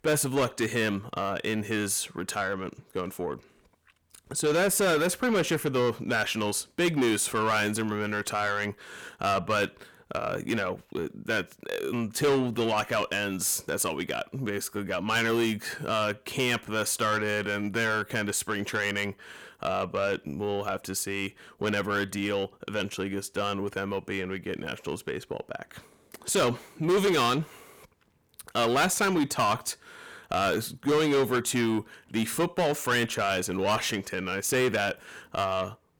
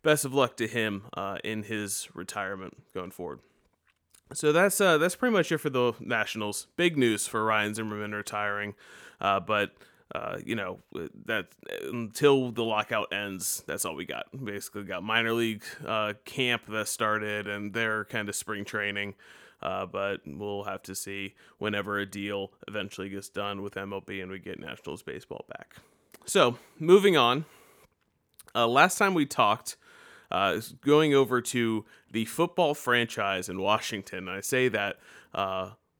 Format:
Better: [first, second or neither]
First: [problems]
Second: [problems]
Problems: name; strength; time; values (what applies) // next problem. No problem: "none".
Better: second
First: distortion; heavy; 6 dB below the speech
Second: none